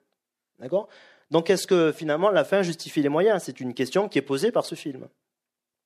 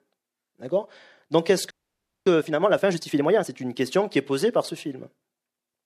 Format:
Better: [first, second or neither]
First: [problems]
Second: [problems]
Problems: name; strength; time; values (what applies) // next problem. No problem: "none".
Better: first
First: none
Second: audio freezing; at 1.5 s for 0.5 s